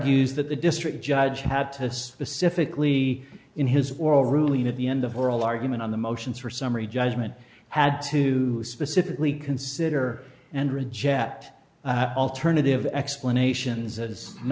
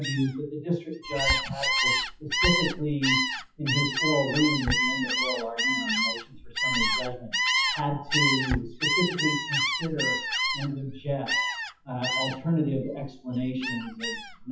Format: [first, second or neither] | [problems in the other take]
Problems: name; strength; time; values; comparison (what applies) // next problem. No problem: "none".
first | noise reduction (classical method WPE with log-MMSE)